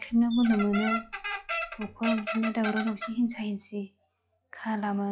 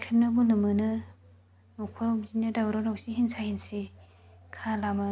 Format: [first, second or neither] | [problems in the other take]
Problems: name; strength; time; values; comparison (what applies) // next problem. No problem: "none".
second | noise reduction (classical method log-MMSE)